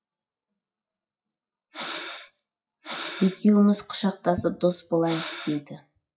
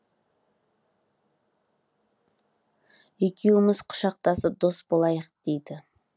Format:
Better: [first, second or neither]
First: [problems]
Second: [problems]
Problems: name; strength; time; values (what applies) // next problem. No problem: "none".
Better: second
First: noise reduction (classical method WPE with log-MMSE)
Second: none